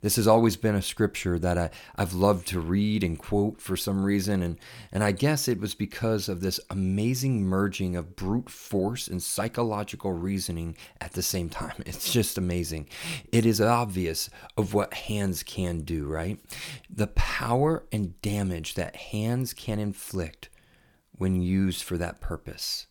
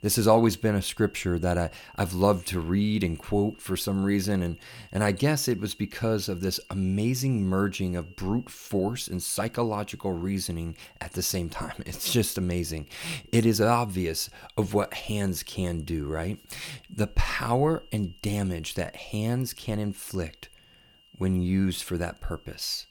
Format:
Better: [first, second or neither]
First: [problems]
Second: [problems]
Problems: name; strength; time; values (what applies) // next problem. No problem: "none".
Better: first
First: none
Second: high-pitched whine; faint; throughout; 3 kHz, 30 dB below the speech